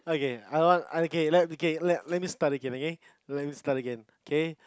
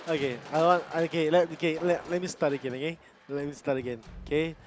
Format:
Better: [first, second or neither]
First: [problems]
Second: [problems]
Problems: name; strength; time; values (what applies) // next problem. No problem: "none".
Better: first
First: none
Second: background sound (Crushing); 17 dB below the speech